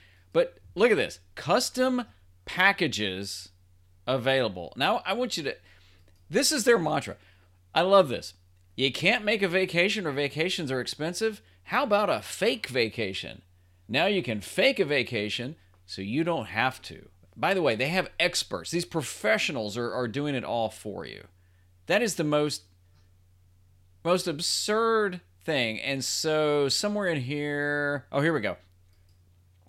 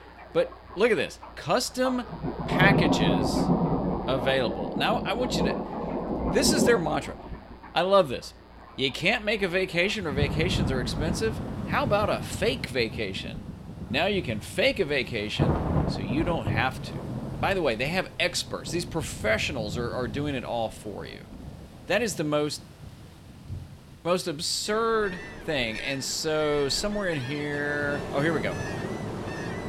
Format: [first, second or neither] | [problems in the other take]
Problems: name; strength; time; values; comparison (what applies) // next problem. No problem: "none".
first | rain or running water; loud; throughout; 4 dB below the speech